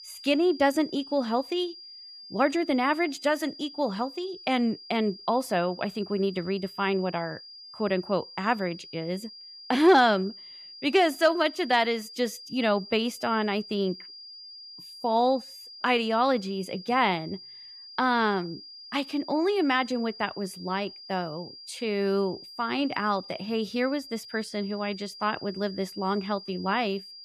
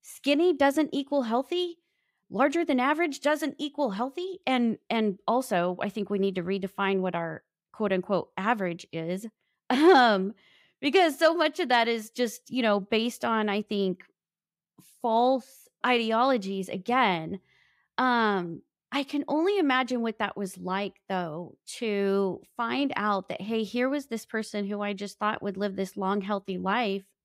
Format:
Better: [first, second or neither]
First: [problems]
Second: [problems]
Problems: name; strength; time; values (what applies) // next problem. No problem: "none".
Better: second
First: high-pitched whine; noticeable; throughout; 5 kHz, 15 dB below the speech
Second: none